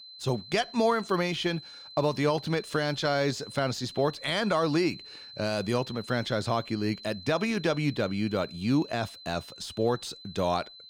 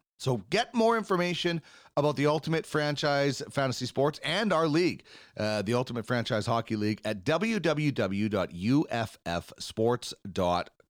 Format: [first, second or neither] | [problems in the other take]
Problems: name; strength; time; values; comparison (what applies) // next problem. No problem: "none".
second | high-pitched whine; noticeable; throughout; 4 kHz, 15 dB below the speech